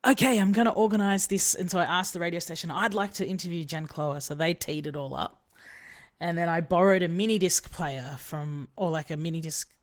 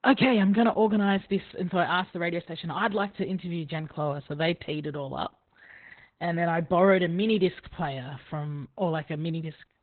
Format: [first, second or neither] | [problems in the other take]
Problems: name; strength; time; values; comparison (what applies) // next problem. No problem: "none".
first | garbled, watery; badly; nothing above 4 kHz; slightly in the first